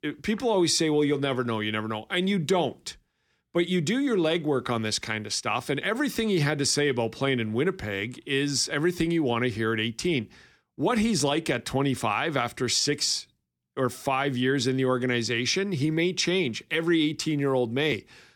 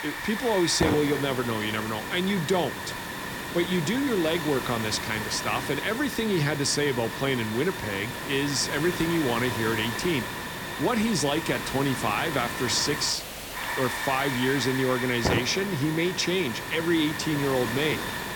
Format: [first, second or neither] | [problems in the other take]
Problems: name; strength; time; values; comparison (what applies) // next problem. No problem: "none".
first | hiss; loud; throughout; 5 dB below the speech